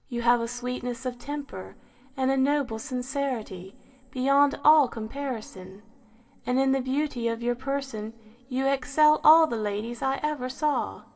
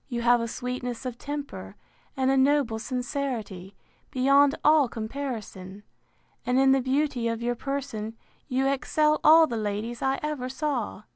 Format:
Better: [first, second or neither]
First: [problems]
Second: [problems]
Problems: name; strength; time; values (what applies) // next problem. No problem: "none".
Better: second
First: room echo; dies away in 1.7 s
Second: none